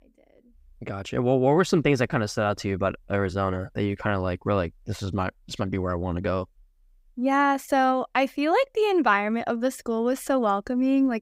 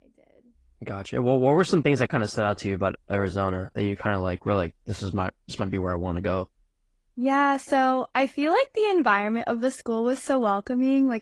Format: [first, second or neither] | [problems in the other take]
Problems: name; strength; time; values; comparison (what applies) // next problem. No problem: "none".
first | garbled, watery; slightly; nothing above 10.5 kHz